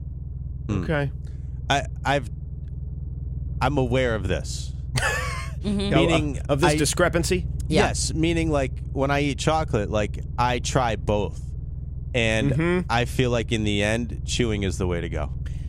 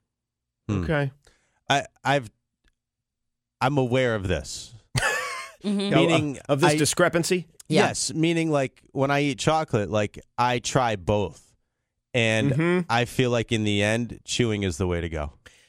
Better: second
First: low rumble; faint; throughout; 20 dB below the speech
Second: none

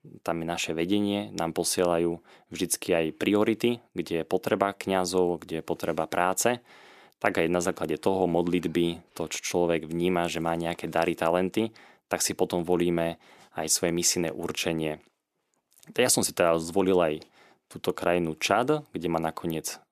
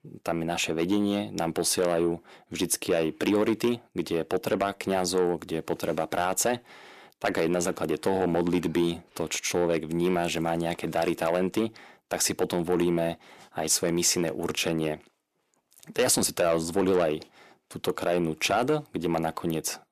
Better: first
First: none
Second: distortion; slight; 10 dB below the speech

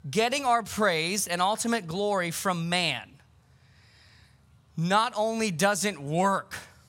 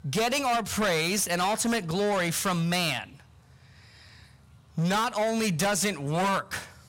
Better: first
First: none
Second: distortion; heavy; 18% of the sound clipped

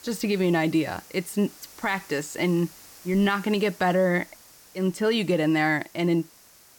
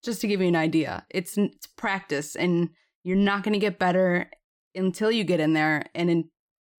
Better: second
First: hiss; faint; throughout; 20 dB below the speech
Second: none

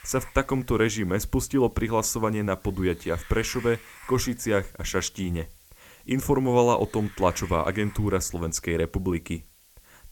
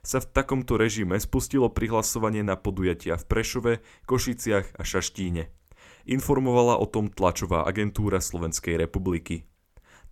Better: second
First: hiss; faint; throughout; 20 dB below the speech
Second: none

